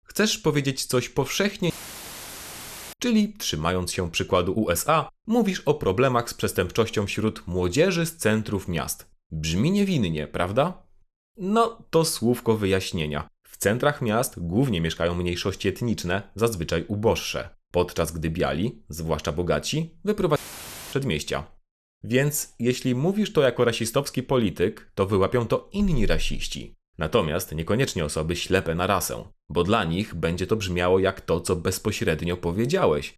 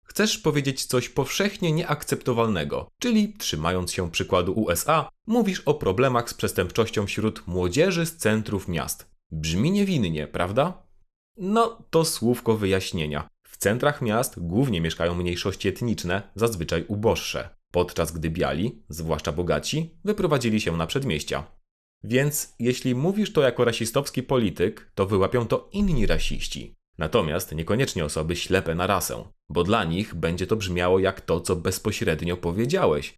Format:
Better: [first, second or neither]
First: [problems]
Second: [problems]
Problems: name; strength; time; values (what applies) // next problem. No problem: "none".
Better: second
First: audio cutting out; filled with static; at 1.5 s for 1 s and at 20 s for 0.5 s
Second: none